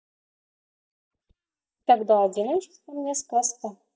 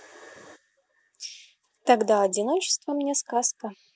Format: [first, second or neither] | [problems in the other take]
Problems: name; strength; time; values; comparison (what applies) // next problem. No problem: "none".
second | noise reduction (neural mask model DeepFilterNet 3)